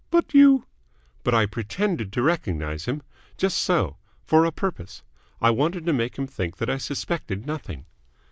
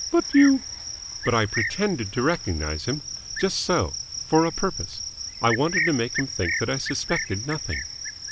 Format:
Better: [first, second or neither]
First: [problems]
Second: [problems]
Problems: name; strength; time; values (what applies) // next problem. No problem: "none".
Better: first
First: none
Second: background sound (Cricket); 6 dB below the speech